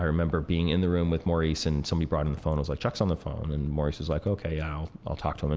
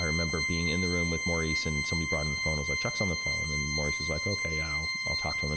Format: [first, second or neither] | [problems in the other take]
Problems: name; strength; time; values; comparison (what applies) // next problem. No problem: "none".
first | background sound (Organ); 1 dB above the speech